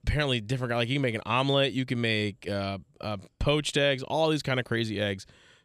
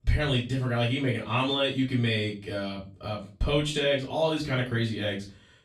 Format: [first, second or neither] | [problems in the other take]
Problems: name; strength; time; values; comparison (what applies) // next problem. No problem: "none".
first | off-mic speech; far // room echo; slight; dies away in 0.3 s